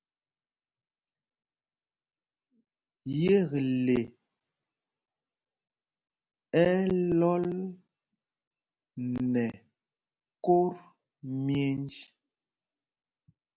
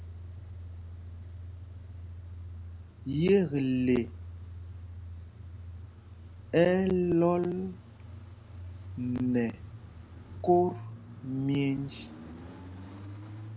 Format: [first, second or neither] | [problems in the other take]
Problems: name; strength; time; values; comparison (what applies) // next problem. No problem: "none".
first | background sound (Idling / Engine starting / Accelerating, revving, vroom / Car); 12 dB below the speech